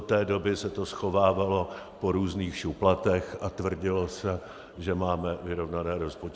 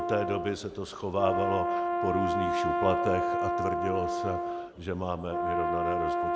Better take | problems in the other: first | background sound (Brass instrument); 2 dB above the speech

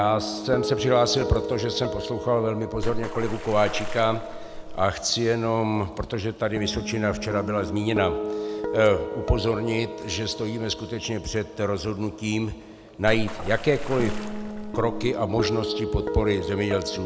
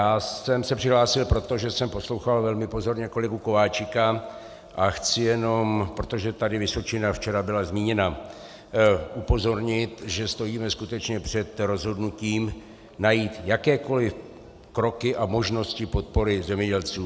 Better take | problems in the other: second | background sound (Water / Splash, splatter + Guitar); 6 dB below the speech

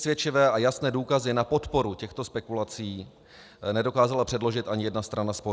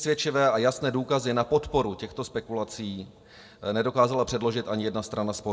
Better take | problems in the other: first | room echo; dies away in 1.9 s

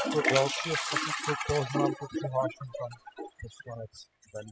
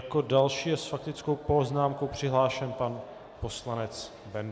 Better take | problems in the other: second | noise reduction (classical method spectral subtraction)

